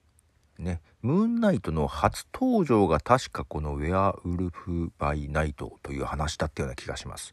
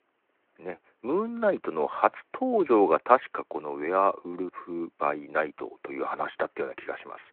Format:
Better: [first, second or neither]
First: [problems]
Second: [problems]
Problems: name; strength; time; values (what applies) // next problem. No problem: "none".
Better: first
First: none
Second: phone-call audio; nothing above 4 kHz